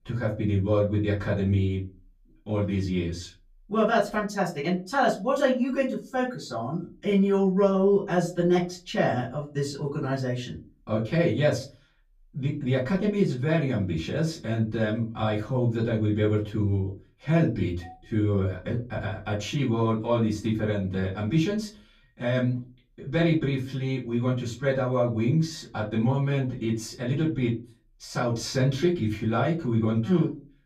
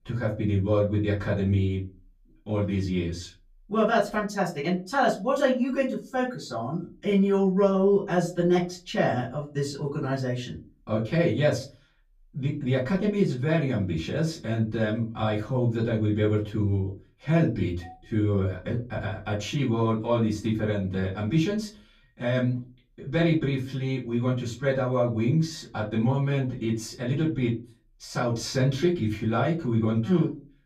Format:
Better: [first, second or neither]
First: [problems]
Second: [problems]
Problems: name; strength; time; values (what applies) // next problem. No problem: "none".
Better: neither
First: off-mic speech; far // room echo; very slight; dies away in 0.3 s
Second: off-mic speech; far // room echo; very slight; dies away in 0.3 s